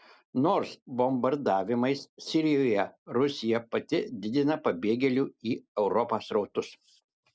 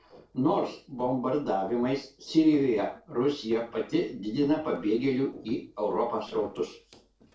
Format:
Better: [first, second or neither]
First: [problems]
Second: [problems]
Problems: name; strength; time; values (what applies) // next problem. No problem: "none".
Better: first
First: none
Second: noise reduction (neural separator model SepFormer DNS4)